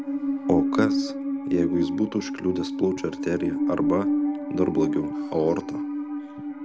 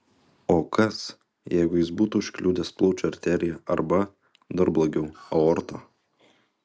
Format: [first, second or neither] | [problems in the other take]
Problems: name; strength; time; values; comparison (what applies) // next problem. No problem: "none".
second | background sound (Musical instrument); as loud as the speech